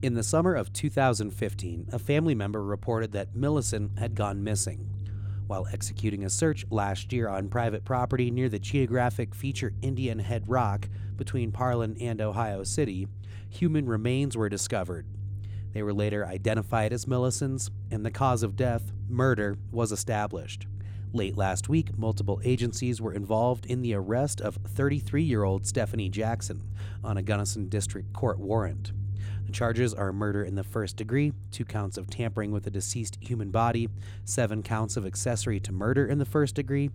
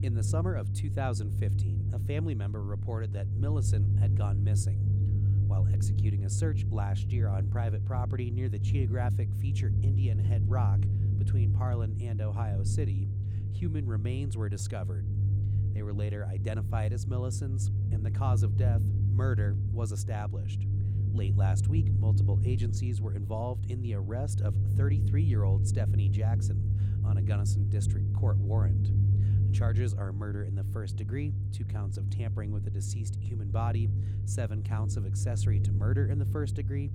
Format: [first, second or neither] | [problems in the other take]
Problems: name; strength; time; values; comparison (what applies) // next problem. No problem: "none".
first | low rumble; loud; throughout; 1 dB below the speech; faint in the first